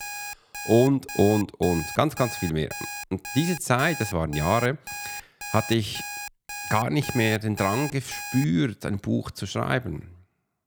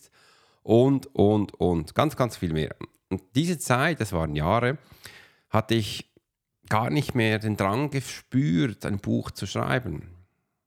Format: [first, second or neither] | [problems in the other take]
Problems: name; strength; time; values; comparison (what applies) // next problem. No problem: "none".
second | alarm; noticeable; until 8.5 s; peak 8 dB below the speech